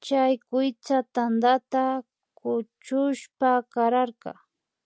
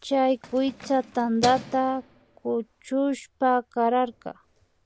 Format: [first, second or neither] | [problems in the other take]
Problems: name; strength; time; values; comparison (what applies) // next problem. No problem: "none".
first | background sound (Keys jangling); 16 dB below the speech